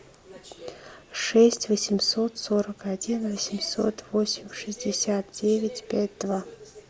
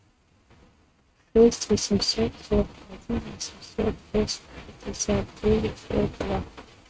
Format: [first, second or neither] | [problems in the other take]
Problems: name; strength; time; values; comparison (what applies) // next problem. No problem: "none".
first | noise reduction (neural mask model RNNoise)